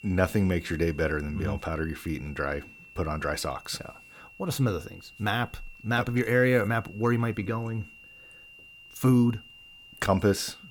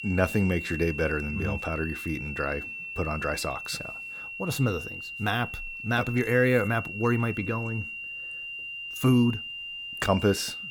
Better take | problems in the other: first | high-pitched whine; loud; throughout; 2.5 kHz, 7 dB below the speech; faint in the first

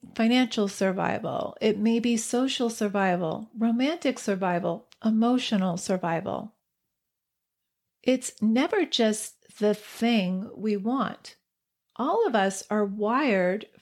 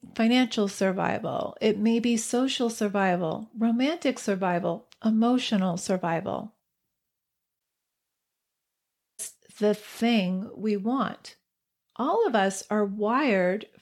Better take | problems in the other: first | audio cutting out; at 7.5 s for 1.5 s

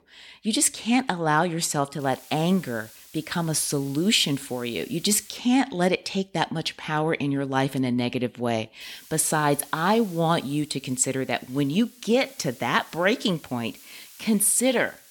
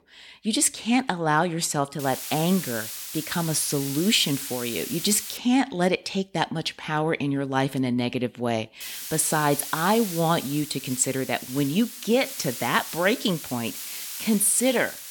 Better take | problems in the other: first | hiss; loud; from 2 to 5.5 s and from 9 s on; 9 dB below the speech; faint in the first

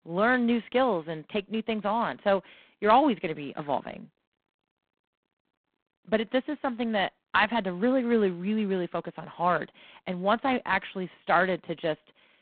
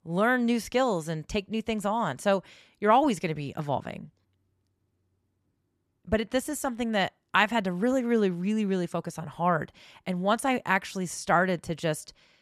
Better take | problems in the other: second | phone-call audio; poor line; nothing above 3.5 kHz

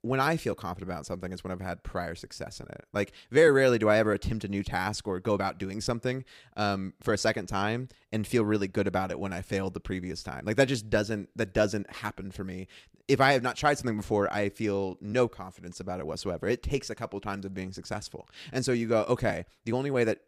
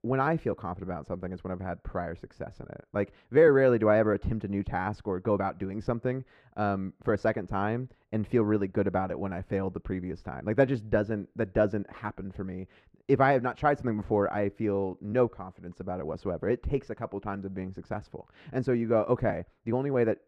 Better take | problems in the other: first | muffled; very; fading above 3 kHz

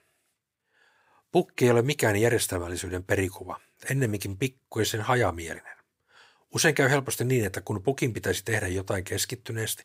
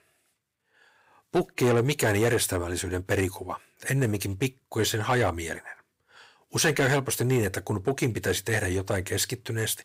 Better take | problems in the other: first | distortion; slight; 10 dB below the speech

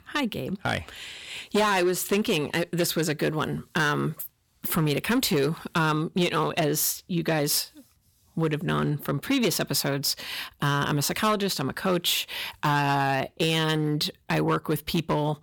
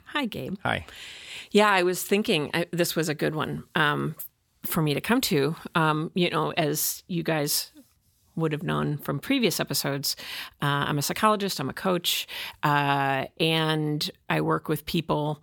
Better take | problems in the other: second | distortion; slight; 6% of the sound clipped

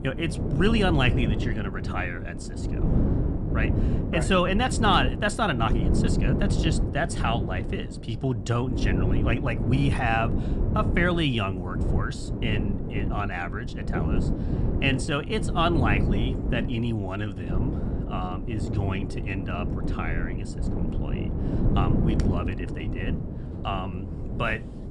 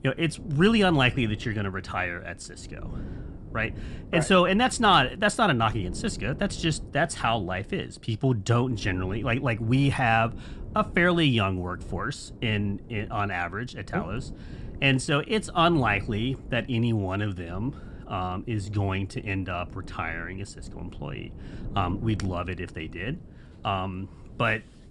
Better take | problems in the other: second | wind noise on the microphone; heavy; 8 dB below the speech; occasional gusts in the second

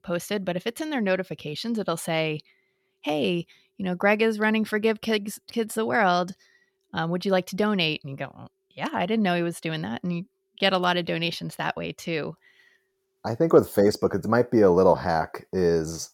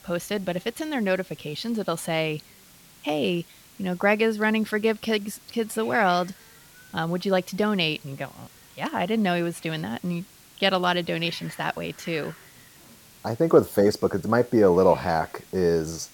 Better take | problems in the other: first | hiss; faint; throughout; 25 dB below the speech

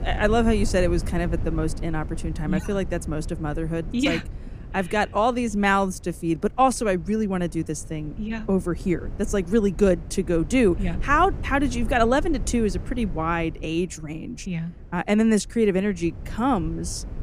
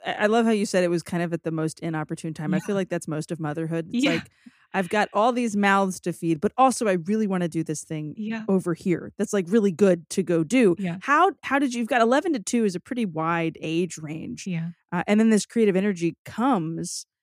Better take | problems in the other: second | low rumble; faint; throughout; 20 dB below the speech

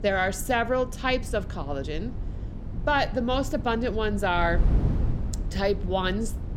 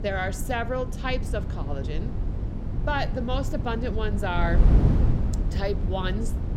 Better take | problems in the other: first | wind noise on the microphone; heavy; 8 dB below the speech; occasional gusts in the first

